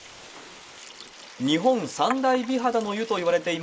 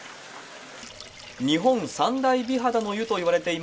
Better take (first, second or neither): second